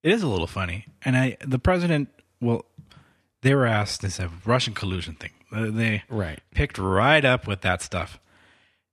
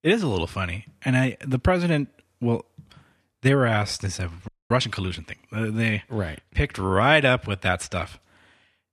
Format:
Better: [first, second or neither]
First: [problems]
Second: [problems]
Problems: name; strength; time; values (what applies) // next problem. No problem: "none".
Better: first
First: none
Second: audio freezing; at 4.5 s